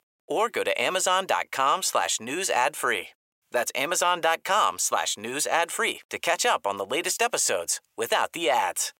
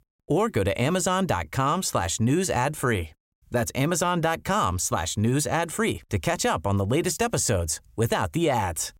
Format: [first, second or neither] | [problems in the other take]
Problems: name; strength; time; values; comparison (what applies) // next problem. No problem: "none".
second | thin; very; fading below 650 Hz